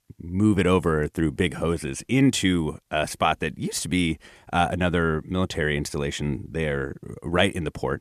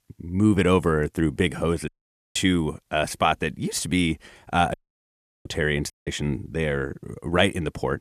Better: first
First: none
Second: audio cutting out; at 2 s, at 4.5 s for 0.5 s and at 6 s

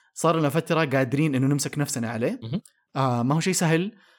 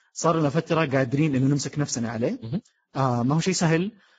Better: first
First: none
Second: garbled, watery; badly; nothing above 7.5 kHz

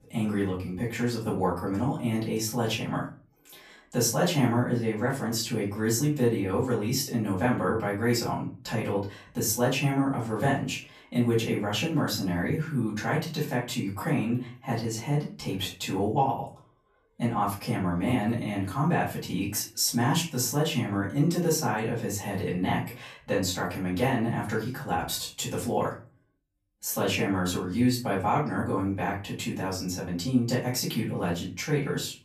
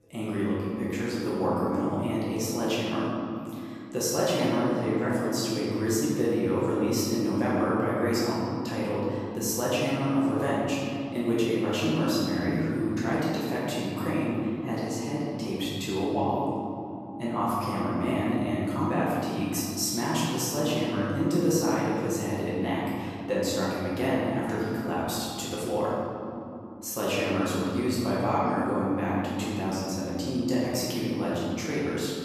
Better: first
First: room echo; slight; dies away in 0.3 s // off-mic speech; far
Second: room echo; strong; dies away in 3 s // off-mic speech; far

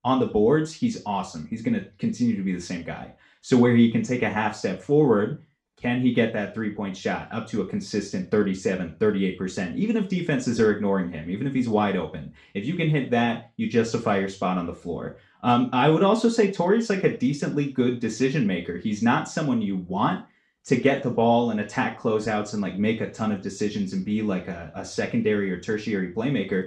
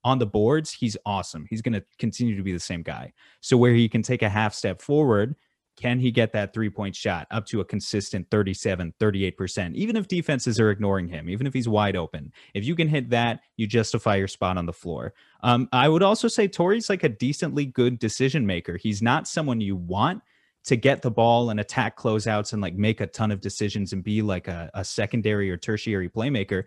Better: second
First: room echo; slight; dies away in 0.3 s // off-mic speech; far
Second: none

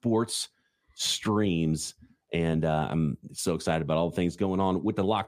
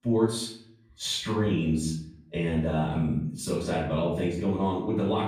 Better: first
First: none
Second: room echo; noticeable; dies away in 0.6 s // off-mic speech; far

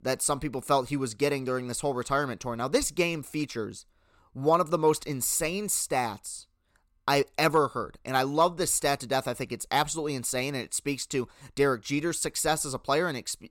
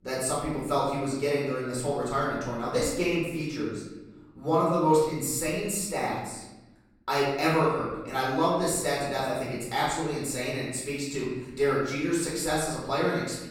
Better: first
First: none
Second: off-mic speech; far // room echo; noticeable; dies away in 1.1 s

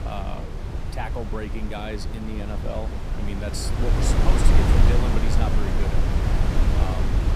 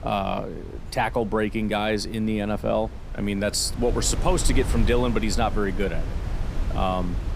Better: second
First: wind noise on the microphone; heavy; 2 dB above the speech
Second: wind noise on the microphone; occasional gusts; 15 dB below the speech

